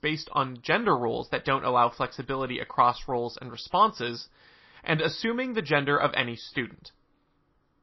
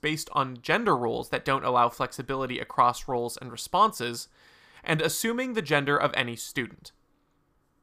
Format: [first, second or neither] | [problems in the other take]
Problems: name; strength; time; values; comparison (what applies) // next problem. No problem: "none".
second | garbled, watery; slightly; nothing above 5.5 kHz